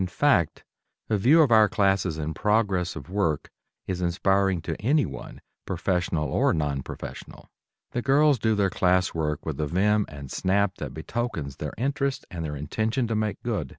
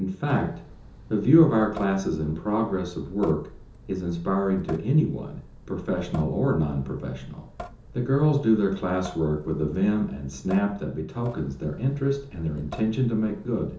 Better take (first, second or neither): first